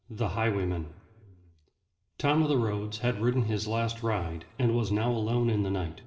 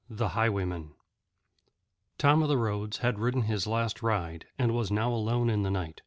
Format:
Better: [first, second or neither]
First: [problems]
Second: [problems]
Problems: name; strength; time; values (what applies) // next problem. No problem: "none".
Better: second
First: room echo; dies away in 2.3 s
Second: none